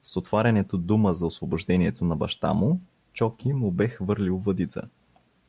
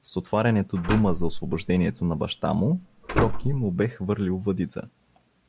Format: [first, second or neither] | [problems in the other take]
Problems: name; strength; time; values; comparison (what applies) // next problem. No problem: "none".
first | background sound (Slam); 3 dB below the speech